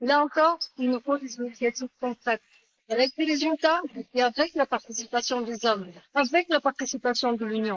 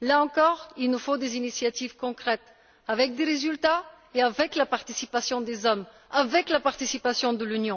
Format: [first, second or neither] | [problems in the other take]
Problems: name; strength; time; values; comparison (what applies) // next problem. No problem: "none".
second | noise reduction (neural mask model Resemble Enhance denoiser)